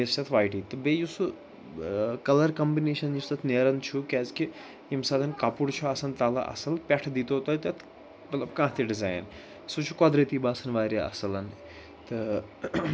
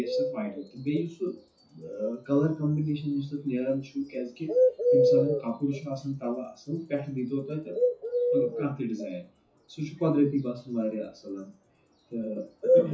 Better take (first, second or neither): first